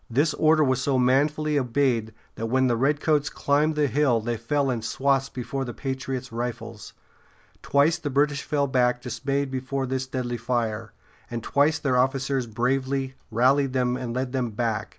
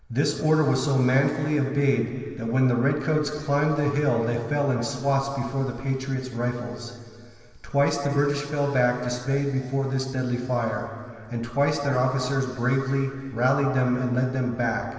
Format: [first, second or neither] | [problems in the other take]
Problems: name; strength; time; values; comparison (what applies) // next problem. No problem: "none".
first | room echo; dies away in 2.5 s